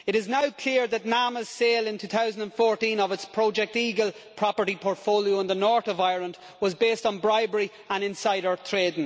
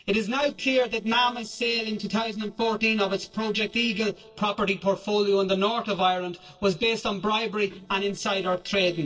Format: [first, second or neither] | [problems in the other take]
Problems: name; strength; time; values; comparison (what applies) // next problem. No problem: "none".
first | noise reduction (neural separator model SepFormer DNS4)